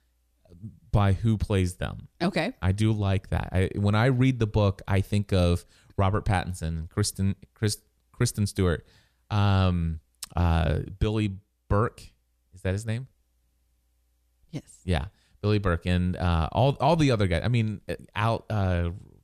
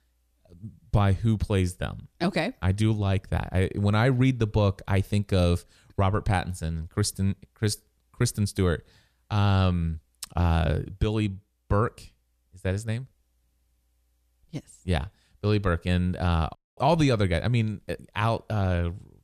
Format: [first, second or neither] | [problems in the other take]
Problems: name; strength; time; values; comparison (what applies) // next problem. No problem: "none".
first | audio cutting out; at 17 s